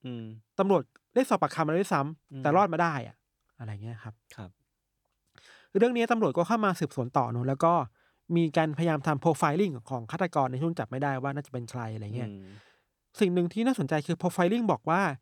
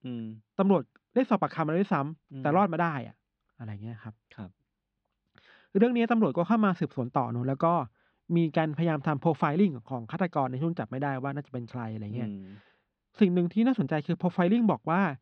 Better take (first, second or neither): first